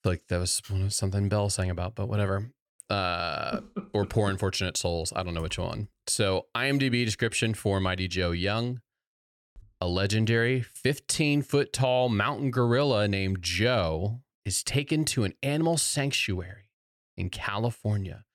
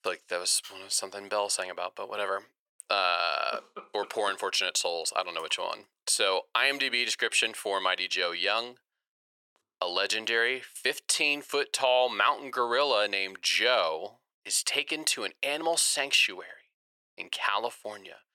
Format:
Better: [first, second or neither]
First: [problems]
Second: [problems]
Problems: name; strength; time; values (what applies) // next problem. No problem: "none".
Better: first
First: none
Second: thin; very; fading below 500 Hz